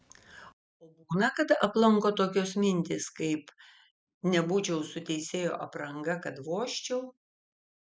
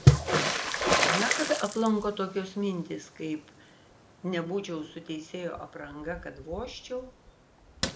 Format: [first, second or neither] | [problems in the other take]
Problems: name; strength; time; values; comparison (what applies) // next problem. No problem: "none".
first | background sound (Water / Splash, splatter); 3 dB above the speech // room echo; dies away in 0.9 s